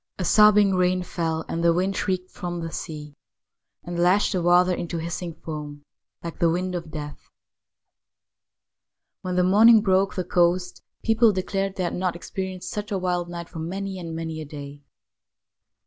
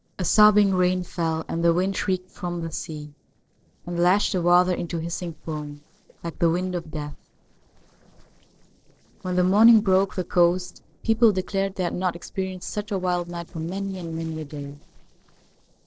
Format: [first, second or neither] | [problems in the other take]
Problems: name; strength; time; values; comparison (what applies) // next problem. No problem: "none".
first | noise reduction (neural separator model SepFormer DNS4)